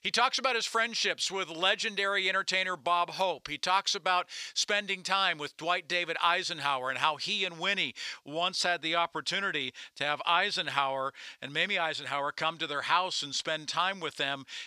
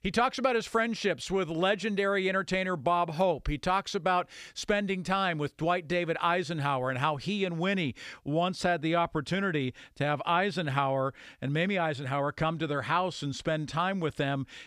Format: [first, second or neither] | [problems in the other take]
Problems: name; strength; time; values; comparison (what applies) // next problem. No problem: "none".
second | thin; somewhat; fading below 1 kHz